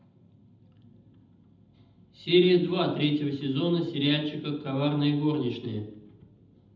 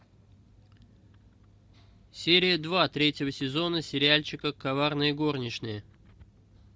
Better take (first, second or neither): second